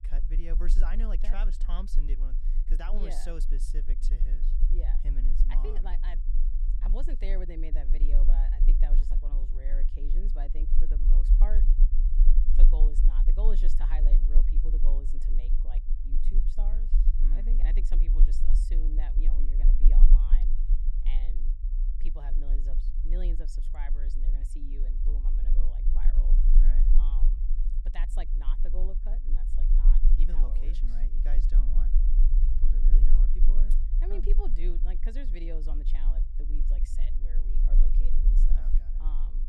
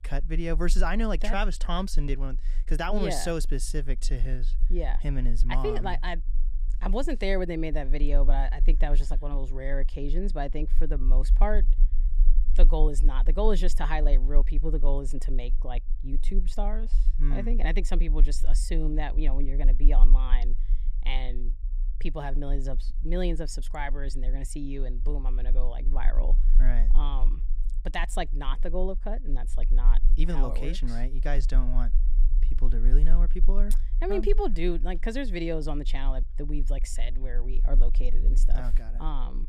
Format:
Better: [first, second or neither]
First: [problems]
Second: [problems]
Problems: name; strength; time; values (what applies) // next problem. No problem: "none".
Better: second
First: low rumble; loud; throughout; 6 dB below the speech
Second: low rumble; faint; throughout; 20 dB below the speech